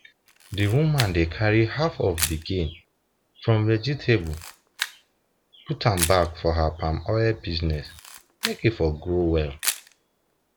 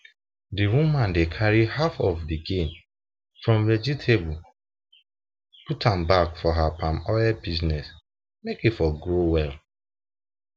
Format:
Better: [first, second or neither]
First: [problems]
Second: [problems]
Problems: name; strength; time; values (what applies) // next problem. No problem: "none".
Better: second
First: background sound (Camera); 12 dB below the speech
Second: none